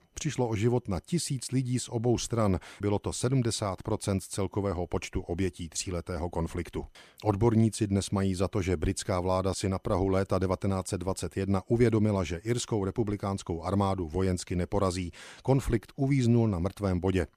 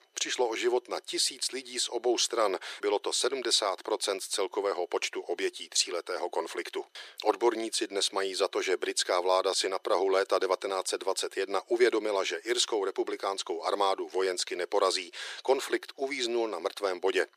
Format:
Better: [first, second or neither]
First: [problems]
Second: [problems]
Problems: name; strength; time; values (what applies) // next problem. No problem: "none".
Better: first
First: none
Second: thin; very; fading below 350 Hz